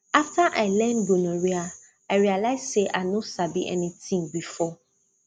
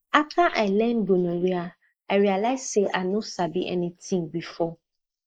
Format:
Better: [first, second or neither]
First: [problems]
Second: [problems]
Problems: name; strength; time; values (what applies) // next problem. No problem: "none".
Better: first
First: none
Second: noise reduction (neural mask model Resemble Enhance denoiser)